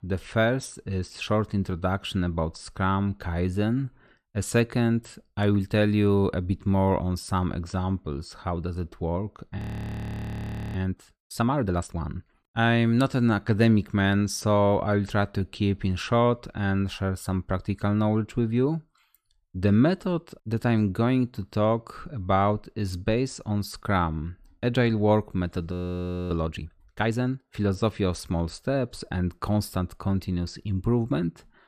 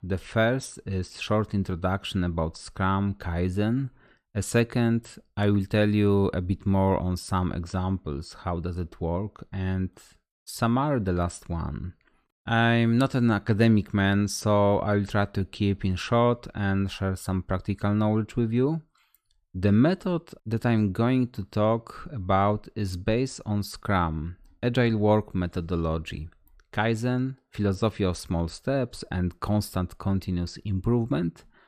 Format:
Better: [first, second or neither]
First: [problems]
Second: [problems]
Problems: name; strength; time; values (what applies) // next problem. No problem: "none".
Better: second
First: audio freezing; at 9.5 s for 1 s and at 26 s for 0.5 s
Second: none